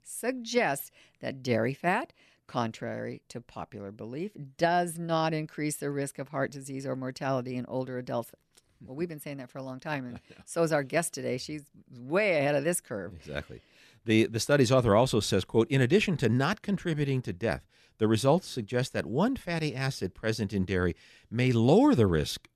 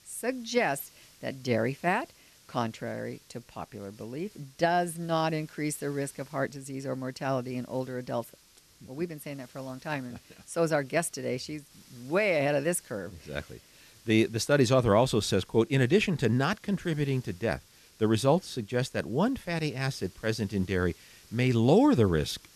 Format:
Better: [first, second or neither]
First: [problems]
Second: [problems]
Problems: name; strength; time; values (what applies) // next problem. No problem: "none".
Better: first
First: none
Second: hiss; faint; throughout; 25 dB below the speech